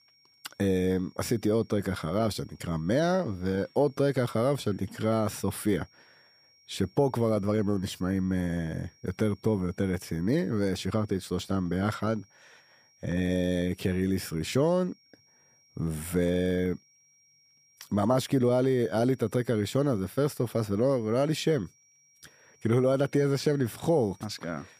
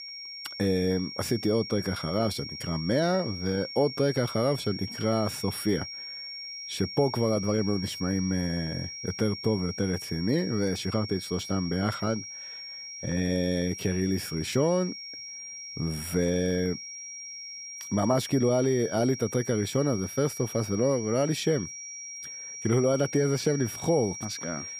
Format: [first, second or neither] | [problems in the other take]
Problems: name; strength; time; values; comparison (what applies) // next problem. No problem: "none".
first | high-pitched whine; loud; throughout; 5.5 kHz, 9 dB below the speech; faint in the first